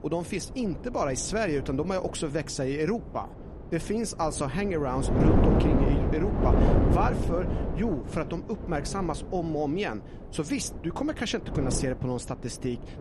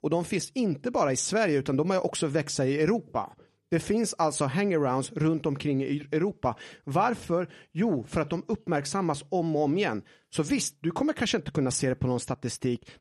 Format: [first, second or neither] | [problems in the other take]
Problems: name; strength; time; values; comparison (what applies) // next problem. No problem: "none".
second | wind noise on the microphone; heavy; 2 dB below the speech